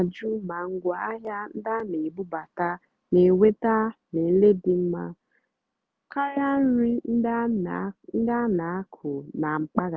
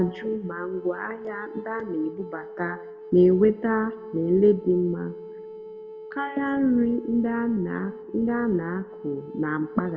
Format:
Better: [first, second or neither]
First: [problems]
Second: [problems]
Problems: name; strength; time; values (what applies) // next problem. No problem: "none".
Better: first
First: none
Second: background sound (Wind instrument, woodwind instrument); 15 dB below the speech // room echo; dies away in 1.3 s